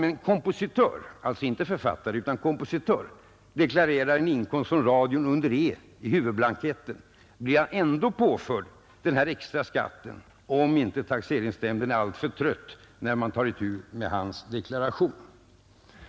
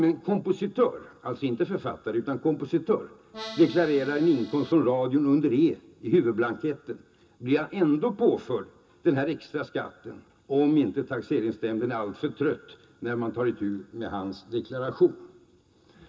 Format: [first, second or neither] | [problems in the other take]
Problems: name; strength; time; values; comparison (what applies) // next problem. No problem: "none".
first | background sound (Accordion); 14 dB below the speech // room echo; dies away in 0.2 s